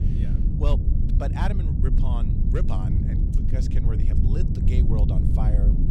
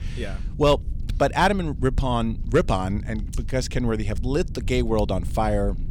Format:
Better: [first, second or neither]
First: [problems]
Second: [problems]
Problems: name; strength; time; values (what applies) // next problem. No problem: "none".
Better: second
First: low rumble; loud; throughout; as loud as the speech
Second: low rumble; faint; throughout; 25 dB below the speech